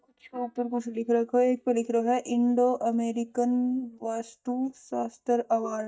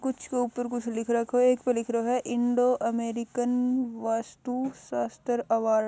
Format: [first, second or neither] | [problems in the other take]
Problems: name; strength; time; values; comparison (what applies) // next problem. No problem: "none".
second | noise reduction (neural mask model DeepFilterNet 3)